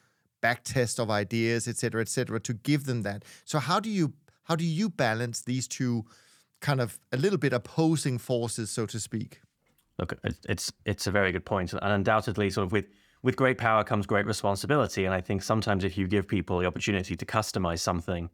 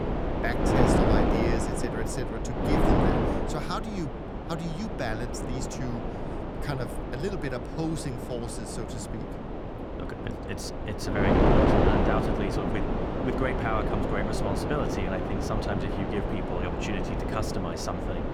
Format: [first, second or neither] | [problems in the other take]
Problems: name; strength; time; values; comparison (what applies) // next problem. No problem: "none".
first | wind noise on the microphone; heavy; 4 dB above the speech